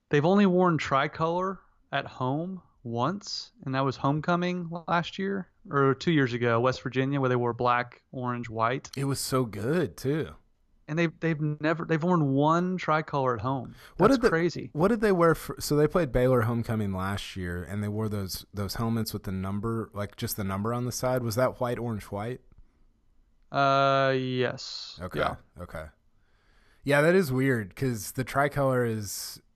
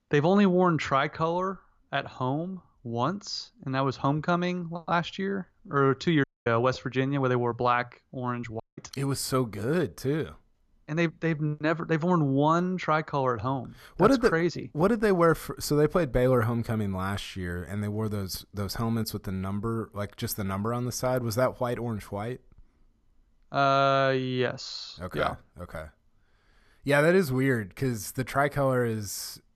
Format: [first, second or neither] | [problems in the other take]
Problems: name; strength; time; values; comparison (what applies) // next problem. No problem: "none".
first | audio cutting out; at 6 s and at 8.5 s